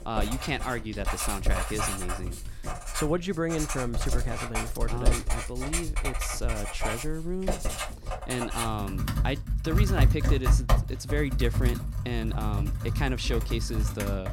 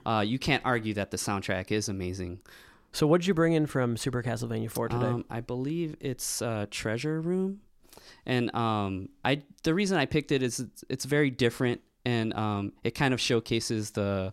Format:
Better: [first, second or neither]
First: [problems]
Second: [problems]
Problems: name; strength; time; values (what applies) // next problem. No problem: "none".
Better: second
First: household noises; very loud; throughout; 2 dB above the speech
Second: none